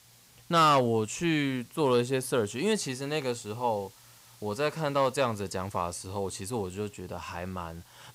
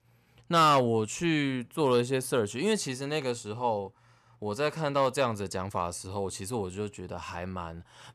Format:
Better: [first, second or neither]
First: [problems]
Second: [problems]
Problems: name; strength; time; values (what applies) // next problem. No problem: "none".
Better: second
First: hiss; faint; throughout; 25 dB below the speech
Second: none